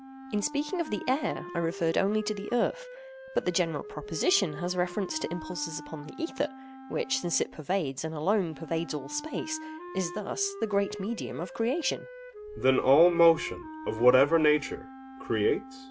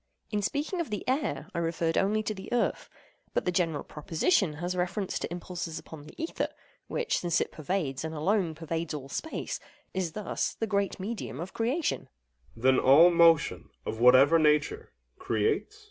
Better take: second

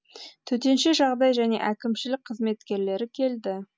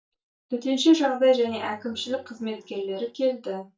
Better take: first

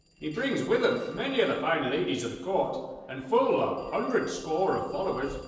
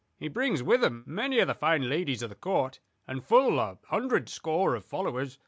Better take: second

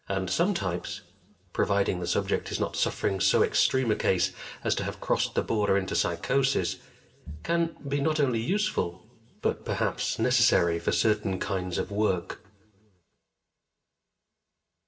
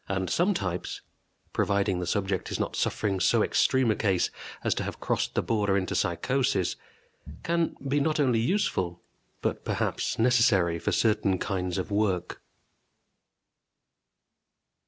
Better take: second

